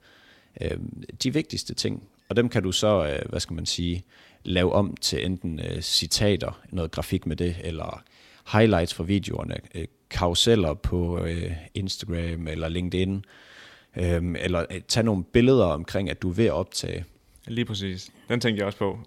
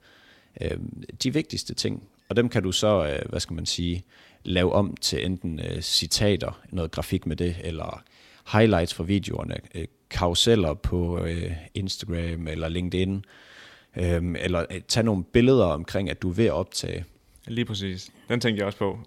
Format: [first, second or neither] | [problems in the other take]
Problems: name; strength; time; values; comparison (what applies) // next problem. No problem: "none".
neither | none